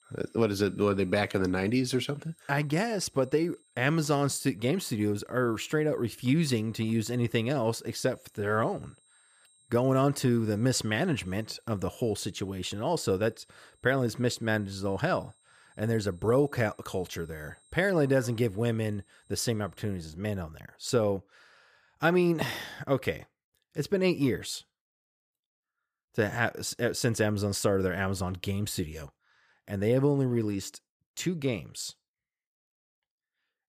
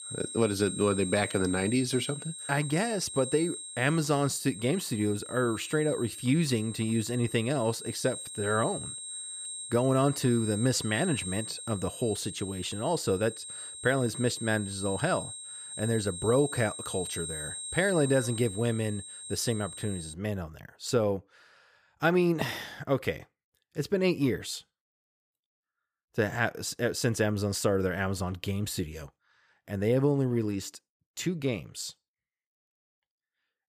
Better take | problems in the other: first | high-pitched whine; loud; until 20 s; 8.5 kHz, 8 dB below the speech; faint in the first

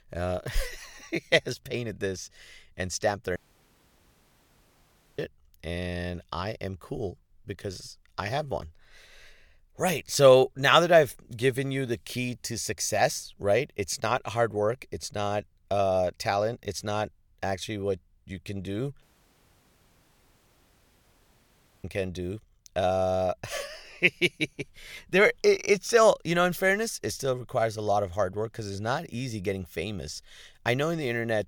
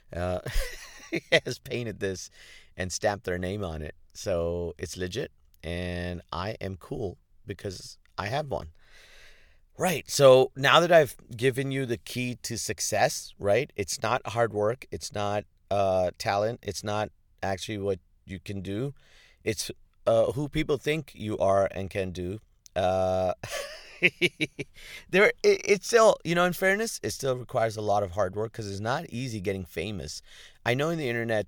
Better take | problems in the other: second | audio cutting out; at 3.5 s for 2 s and at 19 s for 3 s

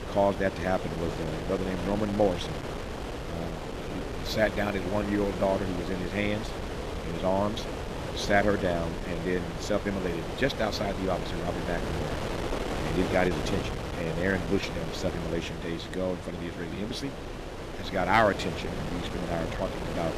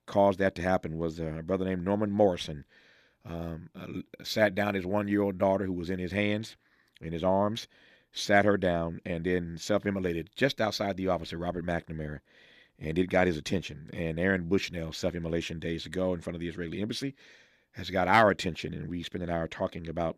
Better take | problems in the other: second | wind noise on the microphone; heavy; 6 dB below the speech

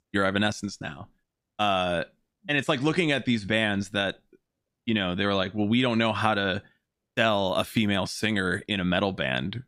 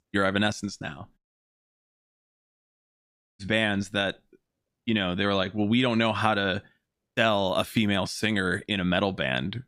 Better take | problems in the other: first | audio cutting out; at 1 s for 2 s

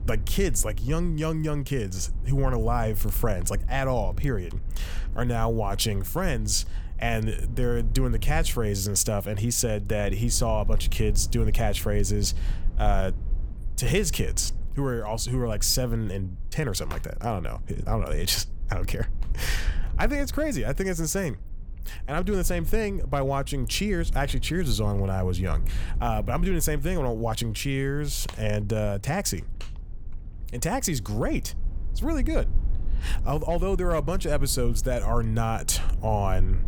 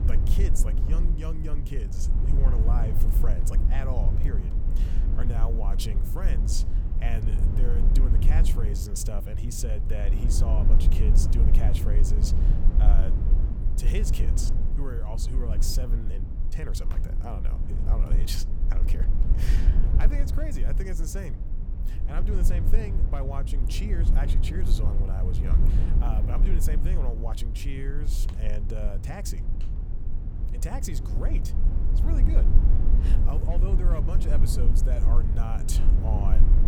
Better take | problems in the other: first | low rumble; loud; throughout; 3 dB below the speech; faint in the first

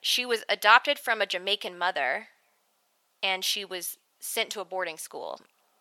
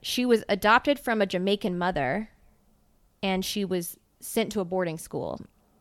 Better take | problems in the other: second | thin; very; fading below 750 Hz

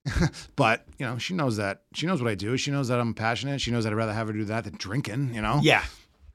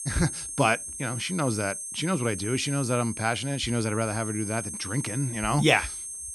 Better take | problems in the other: first | high-pitched whine; loud; throughout; 8.5 kHz, 7 dB below the speech

